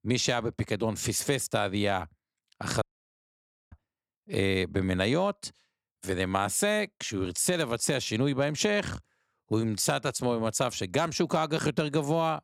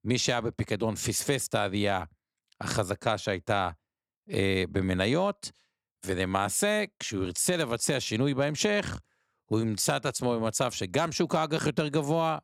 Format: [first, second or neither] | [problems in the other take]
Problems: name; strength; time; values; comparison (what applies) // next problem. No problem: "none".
second | audio cutting out; at 3 s for 1 s